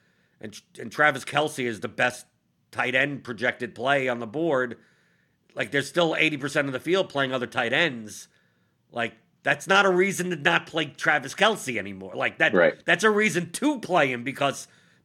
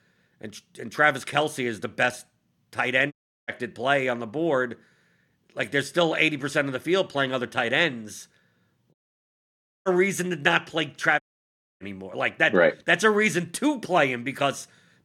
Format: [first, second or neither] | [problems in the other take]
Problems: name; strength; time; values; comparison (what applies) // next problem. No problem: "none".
first | audio cutting out; at 3 s, at 9 s for 1 s and at 11 s for 0.5 s